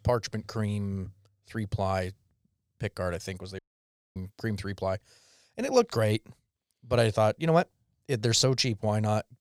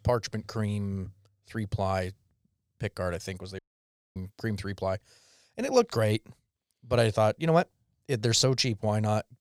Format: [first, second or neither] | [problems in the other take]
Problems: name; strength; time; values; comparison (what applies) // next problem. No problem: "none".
neither | audio cutting out; at 3.5 s for 0.5 s; the same in both